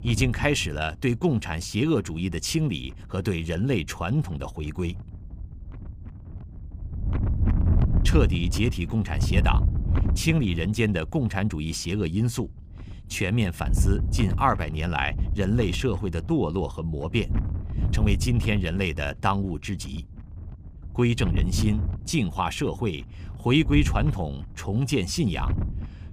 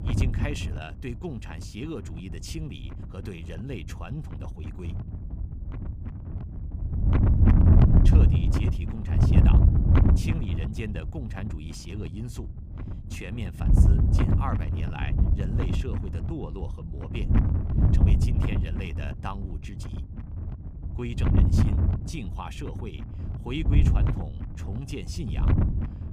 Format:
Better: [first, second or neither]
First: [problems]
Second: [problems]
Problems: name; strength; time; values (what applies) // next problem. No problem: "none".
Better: first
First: wind noise on the microphone; occasional gusts; 15 dB below the speech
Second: wind noise on the microphone; heavy; 4 dB above the speech